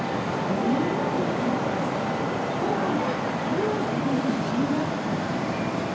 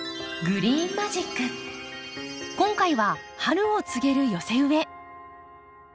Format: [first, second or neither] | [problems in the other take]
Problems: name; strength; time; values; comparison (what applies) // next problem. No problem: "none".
second | background sound (Traffic noise, roadway noise); 4 dB above the speech // room echo; dies away in 2.4 s